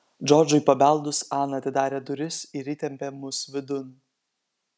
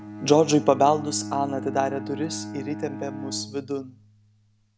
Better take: first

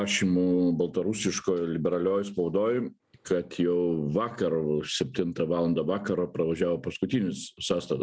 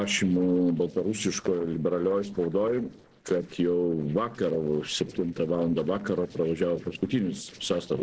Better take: first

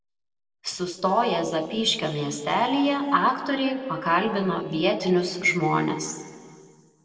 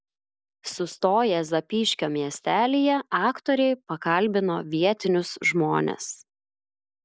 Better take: second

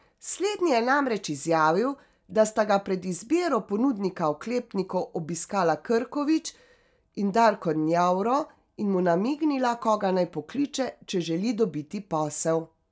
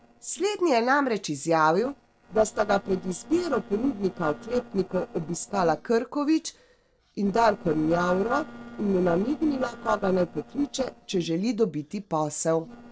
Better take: first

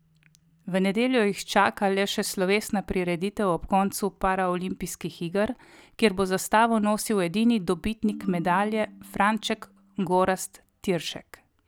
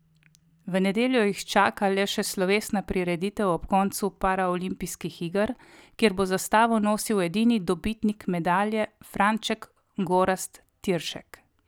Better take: second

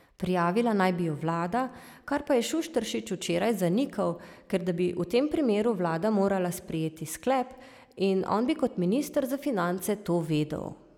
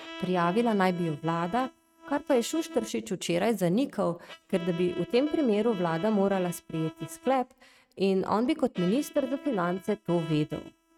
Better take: first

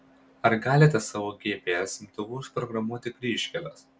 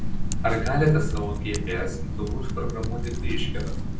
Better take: first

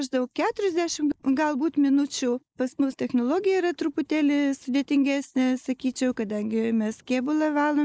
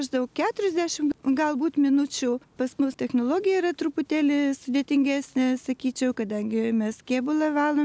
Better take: second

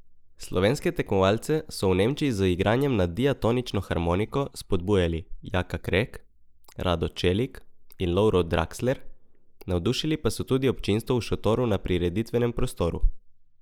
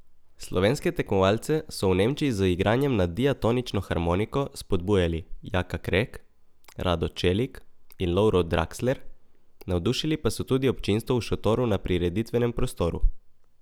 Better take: second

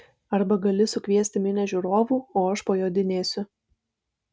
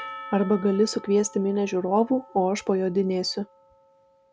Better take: first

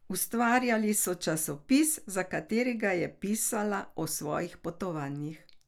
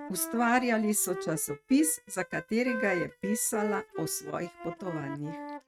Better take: first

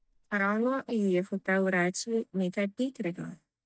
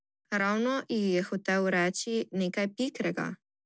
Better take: second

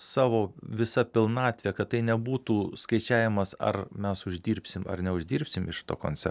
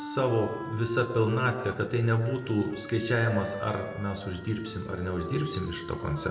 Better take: first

